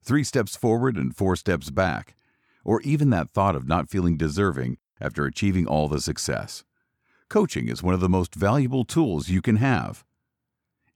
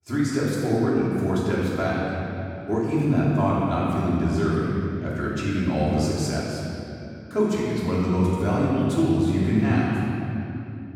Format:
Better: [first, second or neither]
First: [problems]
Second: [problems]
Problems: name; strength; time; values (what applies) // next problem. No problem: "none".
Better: first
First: none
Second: off-mic speech; far // room echo; strong; dies away in 2.8 s